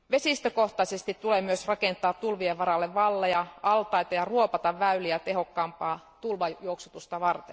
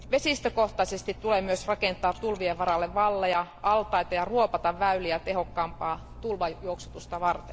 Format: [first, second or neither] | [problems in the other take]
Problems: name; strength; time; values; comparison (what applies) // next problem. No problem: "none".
first | background sound (Cutlery, silverware); 16 dB below the speech